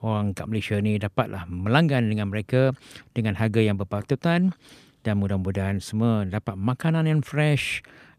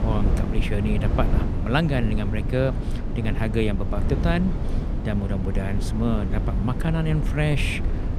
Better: first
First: none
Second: low rumble; loud; throughout; 7 dB below the speech

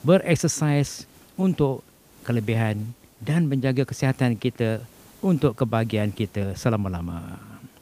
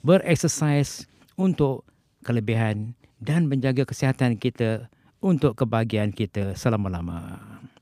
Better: second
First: hiss; faint; throughout; 25 dB below the speech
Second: none

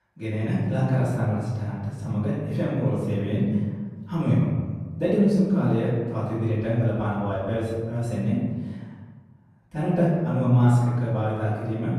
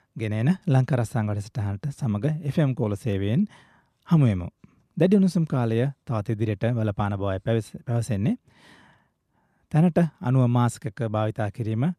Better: second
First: off-mic speech; far // room echo; noticeable; dies away in 1.4 s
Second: none

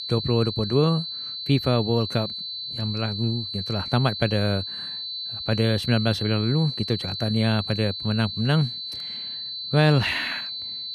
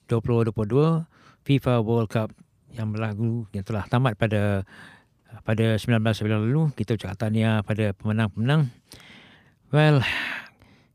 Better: second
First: high-pitched whine; loud; throughout; 4 kHz, 6 dB below the speech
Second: none

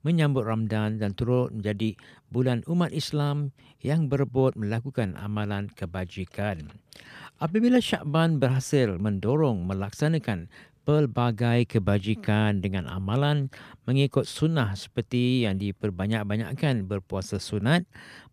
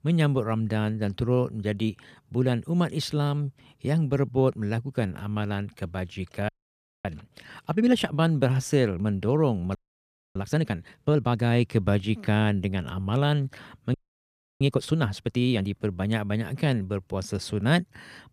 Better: first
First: none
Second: audio freezing; at 6.5 s for 0.5 s, at 10 s for 0.5 s and at 14 s for 0.5 s

